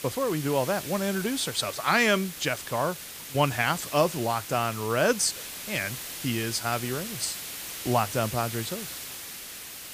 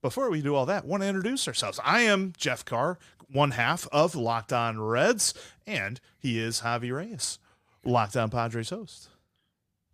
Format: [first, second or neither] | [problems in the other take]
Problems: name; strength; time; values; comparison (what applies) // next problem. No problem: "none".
second | hiss; loud; throughout; 8 dB below the speech